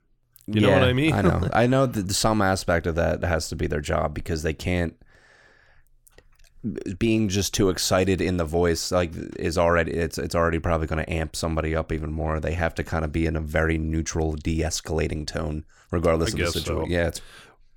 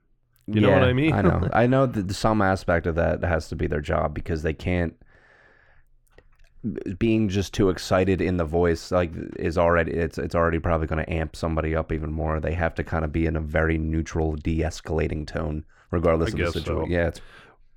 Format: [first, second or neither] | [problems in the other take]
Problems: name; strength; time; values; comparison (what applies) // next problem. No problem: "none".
first | muffled; slightly; fading above 4 kHz